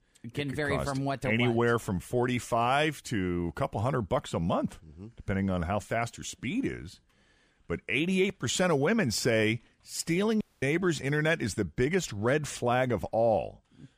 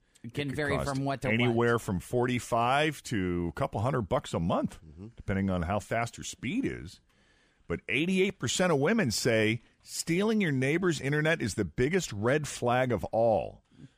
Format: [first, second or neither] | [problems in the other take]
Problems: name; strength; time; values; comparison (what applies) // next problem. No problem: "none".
second | audio cutting out; at 10 s